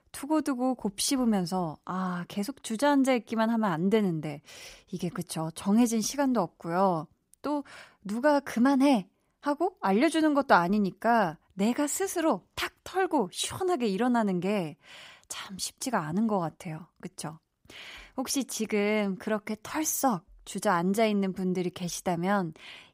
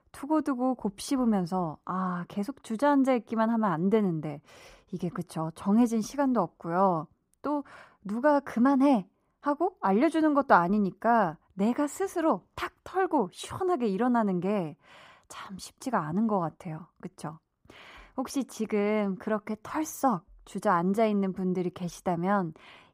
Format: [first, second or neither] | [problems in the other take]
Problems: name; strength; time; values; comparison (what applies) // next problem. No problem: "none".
first | muffled; slightly; fading above 2 kHz